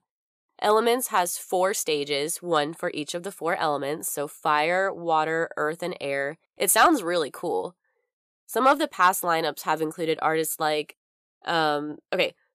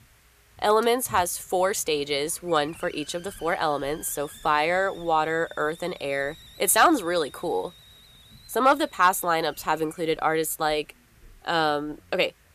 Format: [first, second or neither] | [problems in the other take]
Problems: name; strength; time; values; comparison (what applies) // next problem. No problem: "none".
first | hiss; faint; throughout; 25 dB below the speech